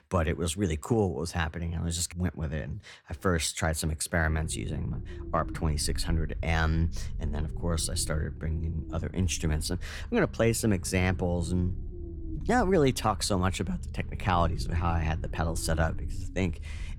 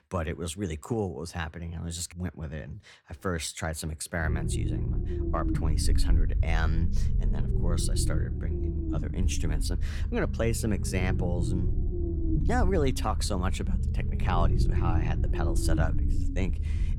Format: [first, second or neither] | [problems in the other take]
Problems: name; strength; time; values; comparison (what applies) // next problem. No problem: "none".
first | low rumble; loud; from 4 s on; 7 dB below the speech; faint in the first